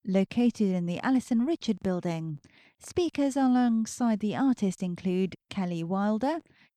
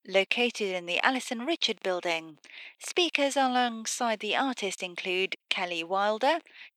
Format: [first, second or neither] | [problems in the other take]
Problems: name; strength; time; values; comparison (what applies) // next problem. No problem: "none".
first | thin; very; fading below 450 Hz